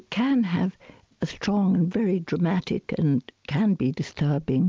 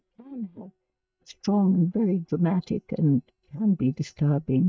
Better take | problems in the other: first | noise reduction (neural mask model DeepFilterNet 3)

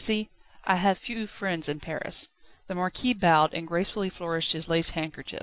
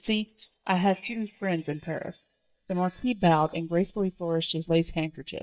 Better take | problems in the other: first | noise reduction (neural mask model DeepFilterNet 3)

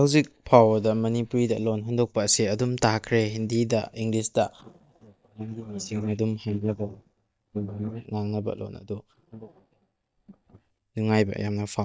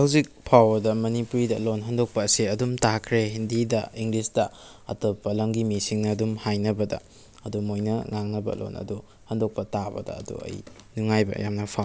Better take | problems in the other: second | noise reduction (neural mask model DeepFilterNet 3)

